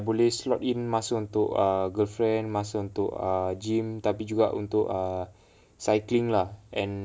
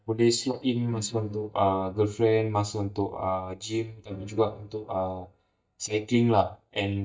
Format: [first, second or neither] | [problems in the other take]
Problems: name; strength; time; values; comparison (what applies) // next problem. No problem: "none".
first | noise reduction (neural mask model DeepFilterNet 3)